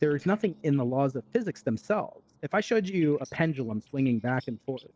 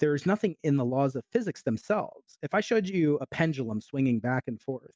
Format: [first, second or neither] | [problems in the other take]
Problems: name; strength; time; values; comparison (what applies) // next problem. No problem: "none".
second | noise reduction (neural separator model SepFormer DNS4)